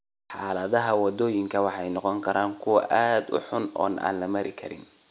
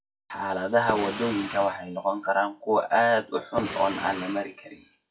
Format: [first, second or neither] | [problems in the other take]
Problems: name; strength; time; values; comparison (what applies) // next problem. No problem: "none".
first | noise reduction (classical method WPE with log-MMSE)